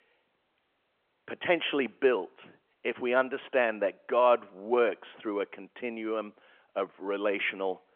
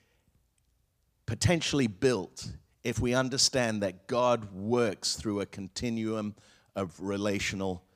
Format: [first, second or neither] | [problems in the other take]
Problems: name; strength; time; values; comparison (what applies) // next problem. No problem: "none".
second | phone-call audio; nothing above 3.5 kHz